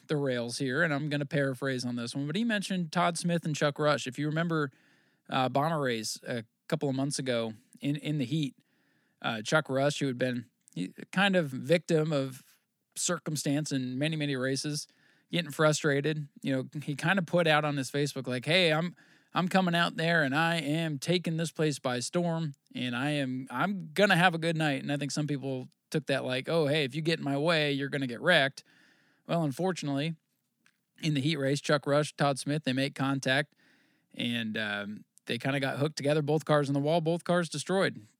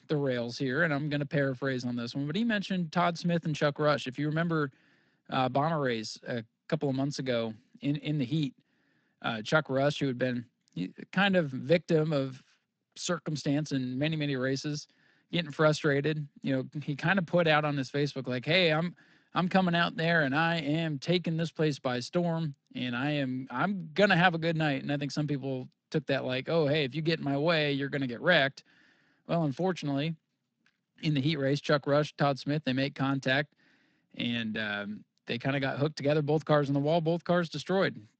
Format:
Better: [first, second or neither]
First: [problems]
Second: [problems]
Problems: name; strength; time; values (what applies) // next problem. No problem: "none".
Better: first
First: none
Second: garbled, watery; slightly; nothing above 7.5 kHz